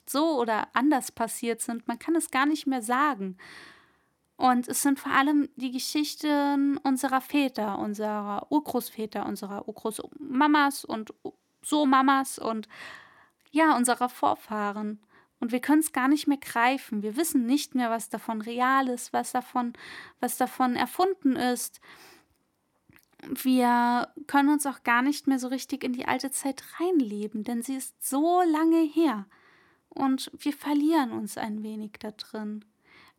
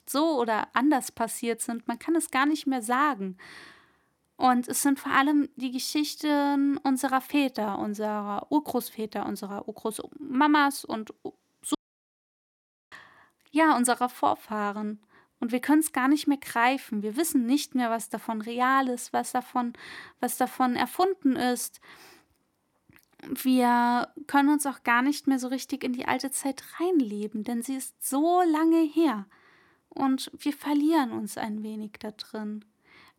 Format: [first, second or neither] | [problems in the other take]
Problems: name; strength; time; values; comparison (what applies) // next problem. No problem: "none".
first | audio cutting out; at 12 s for 1 s